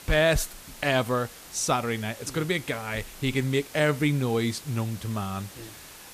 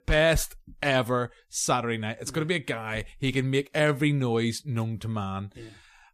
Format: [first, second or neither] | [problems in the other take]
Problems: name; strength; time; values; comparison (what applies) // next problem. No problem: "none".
second | hiss; noticeable; throughout; 15 dB below the speech